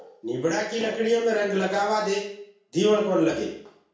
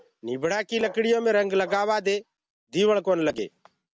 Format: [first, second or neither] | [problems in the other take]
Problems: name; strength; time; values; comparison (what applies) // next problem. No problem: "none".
second | room echo; dies away in 0.6 s